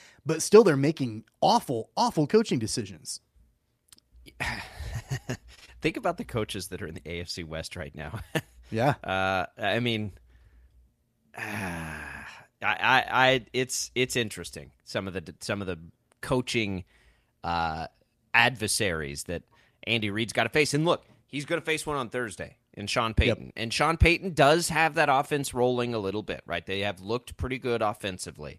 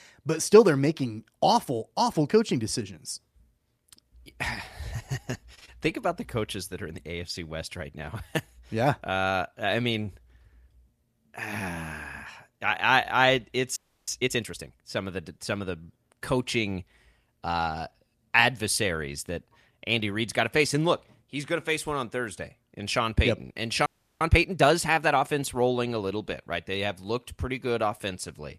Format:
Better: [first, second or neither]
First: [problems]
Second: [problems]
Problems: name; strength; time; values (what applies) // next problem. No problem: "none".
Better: first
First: none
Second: audio freezing; at 14 s and at 24 s